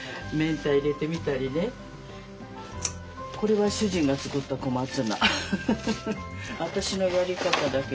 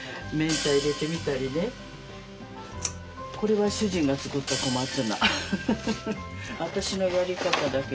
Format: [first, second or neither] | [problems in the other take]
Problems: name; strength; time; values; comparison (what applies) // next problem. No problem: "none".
first | background sound (Hi-hat); 11 dB below the speech